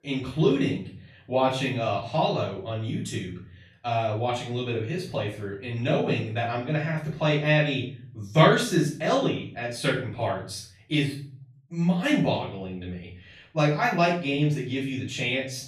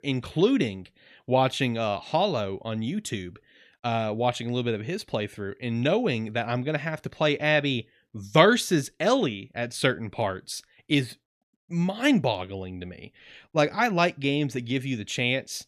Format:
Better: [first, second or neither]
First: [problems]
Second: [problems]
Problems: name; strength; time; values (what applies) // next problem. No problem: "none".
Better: second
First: room echo; noticeable; dies away in 0.4 s // off-mic speech; far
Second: none